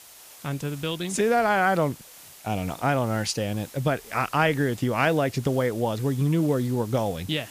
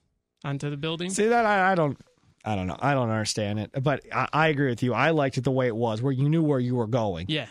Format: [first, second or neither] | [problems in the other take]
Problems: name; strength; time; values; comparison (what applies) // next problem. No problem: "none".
second | hiss; noticeable; throughout; 20 dB below the speech